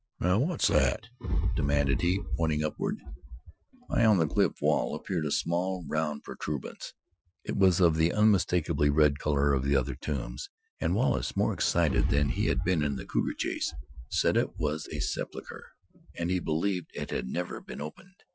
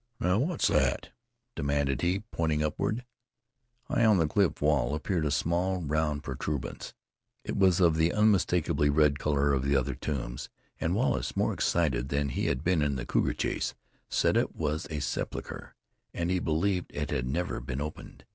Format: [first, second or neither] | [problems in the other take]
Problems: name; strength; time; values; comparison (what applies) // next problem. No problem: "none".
second | noise reduction (classical method Wiener filter)